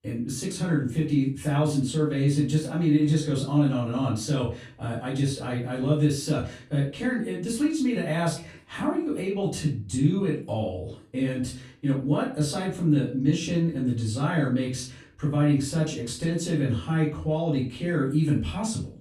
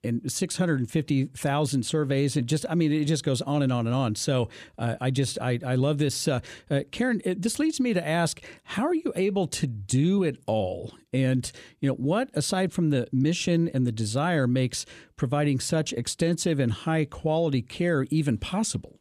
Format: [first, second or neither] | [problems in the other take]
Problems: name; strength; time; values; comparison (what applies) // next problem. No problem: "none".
second | off-mic speech; far // room echo; slight; dies away in 0.3 s